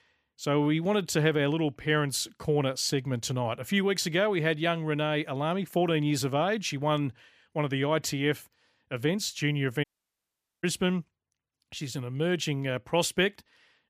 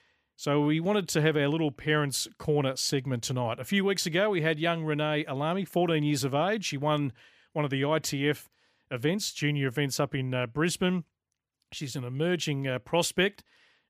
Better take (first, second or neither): second